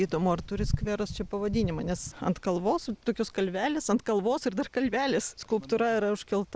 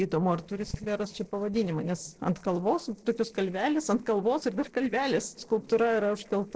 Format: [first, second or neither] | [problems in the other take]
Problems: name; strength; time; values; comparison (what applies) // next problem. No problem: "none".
first | noise reduction (neural separator model SepFormer DNS4)